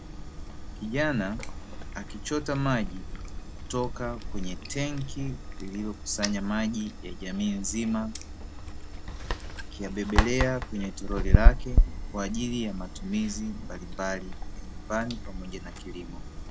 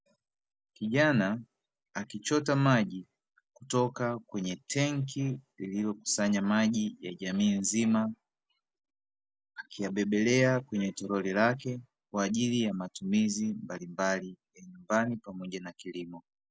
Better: second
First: background sound (Chewing, mastication); 3 dB above the speech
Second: none

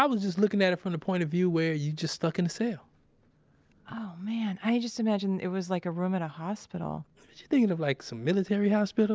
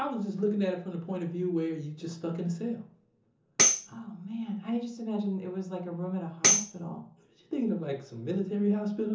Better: first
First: none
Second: background sound (Tambourine); 3 dB above the speech // room echo; dies away in 0.8 s

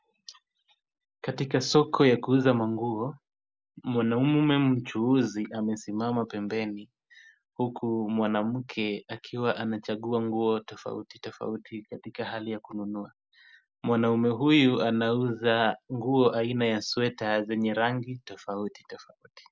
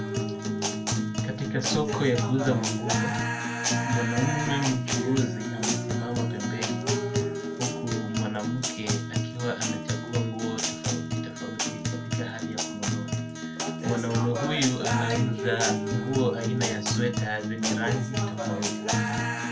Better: first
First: none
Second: background sound (Guitar); 2 dB above the speech // room echo; dies away in 0.2 s

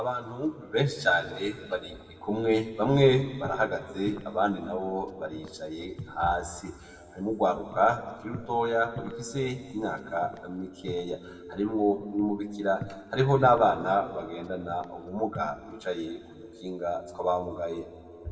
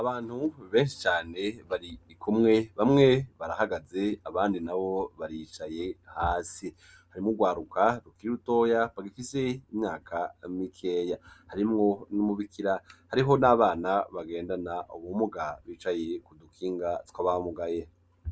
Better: second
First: background sound (Walk, footsteps); 17 dB below the speech // room echo; dies away in 1.9 s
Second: none

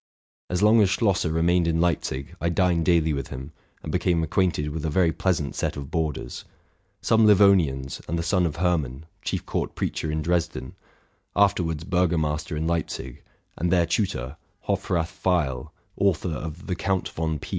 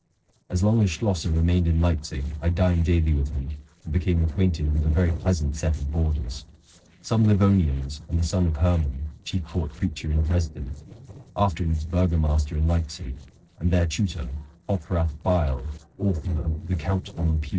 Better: first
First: none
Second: noise reduction (neural separator model SepFormer DNS4)

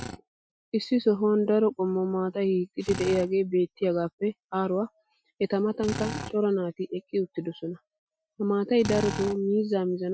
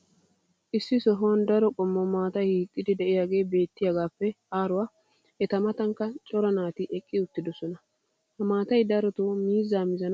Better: second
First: noise reduction (classical method Wiener filter)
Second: none

